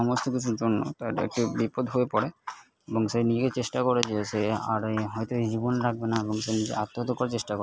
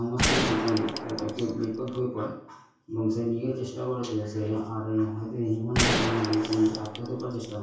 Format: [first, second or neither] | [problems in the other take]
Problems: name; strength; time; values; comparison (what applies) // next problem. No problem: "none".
first | background sound (Gunshot, gunfire); 1 dB below the speech // room echo; dies away in 0.6 s